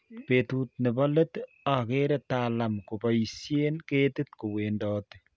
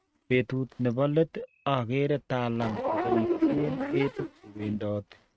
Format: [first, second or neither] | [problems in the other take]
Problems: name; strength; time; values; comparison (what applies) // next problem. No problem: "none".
first | noise reduction (neural mask model RNNoise)